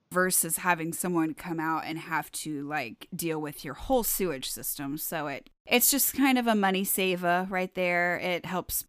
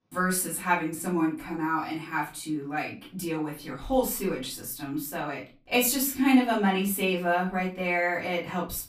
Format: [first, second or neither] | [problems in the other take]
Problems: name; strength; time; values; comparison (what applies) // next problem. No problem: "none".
first | off-mic speech; far // room echo; slight; dies away in 0.3 s